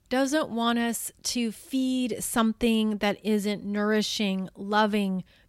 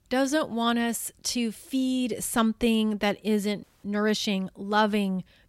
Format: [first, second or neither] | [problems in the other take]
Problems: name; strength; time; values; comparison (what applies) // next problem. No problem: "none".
first | audio freezing; at 3.5 s